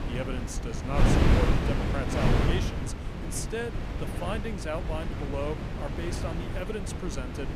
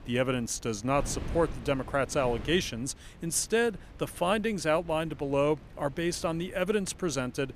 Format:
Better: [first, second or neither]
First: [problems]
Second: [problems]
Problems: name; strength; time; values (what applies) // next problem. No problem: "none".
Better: second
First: wind noise on the microphone; heavy; 2 dB above the speech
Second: wind noise on the microphone; occasional gusts; 20 dB below the speech